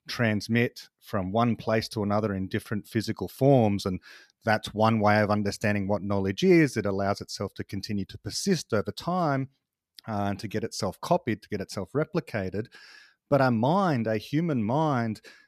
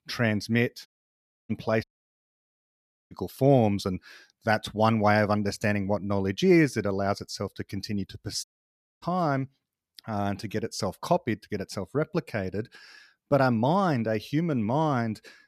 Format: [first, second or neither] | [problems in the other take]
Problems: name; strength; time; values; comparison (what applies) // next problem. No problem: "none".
first | audio cutting out; at 1 s for 0.5 s, at 2 s for 1.5 s and at 8.5 s for 0.5 s